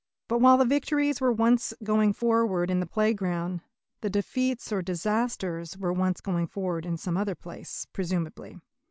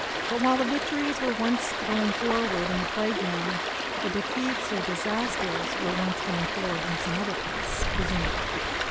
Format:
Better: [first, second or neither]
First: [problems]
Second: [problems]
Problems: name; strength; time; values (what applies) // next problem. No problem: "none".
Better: first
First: none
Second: background sound (Stream); 1 dB above the speech